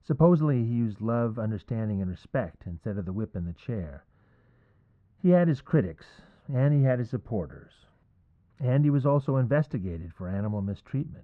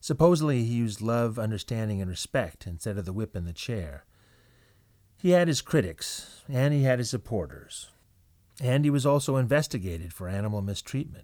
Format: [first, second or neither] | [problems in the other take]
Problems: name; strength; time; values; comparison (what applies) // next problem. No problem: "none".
second | muffled; very; fading above 1.5 kHz